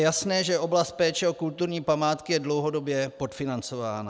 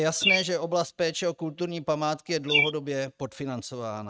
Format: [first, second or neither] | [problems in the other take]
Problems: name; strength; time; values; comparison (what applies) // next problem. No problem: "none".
first | noise reduction (neural mask model RNNoise)